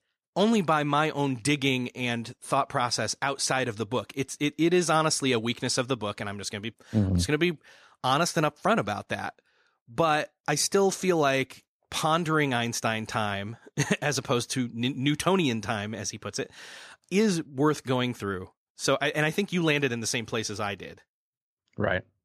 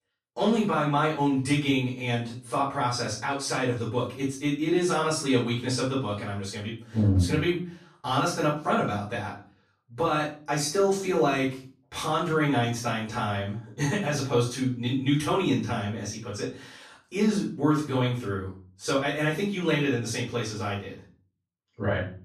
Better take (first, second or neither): first